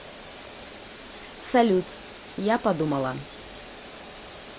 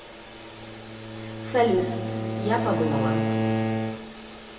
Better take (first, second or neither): first